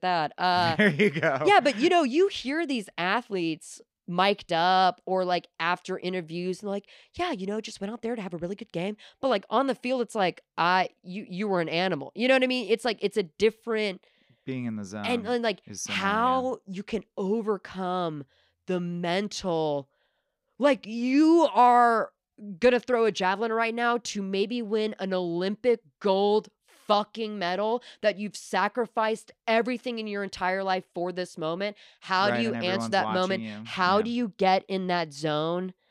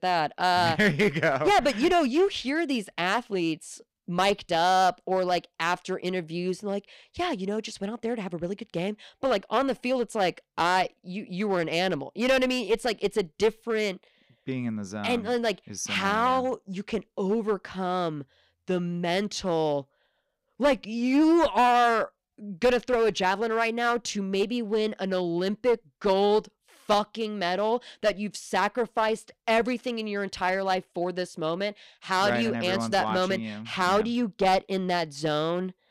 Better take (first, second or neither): first